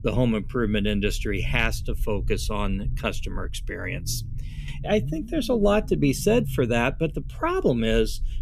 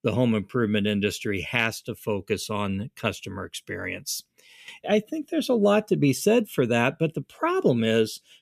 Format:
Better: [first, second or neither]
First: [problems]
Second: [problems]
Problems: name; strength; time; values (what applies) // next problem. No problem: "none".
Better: second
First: low rumble; faint; throughout; 20 dB below the speech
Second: none